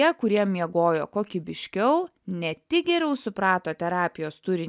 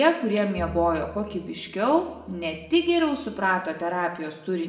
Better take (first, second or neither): first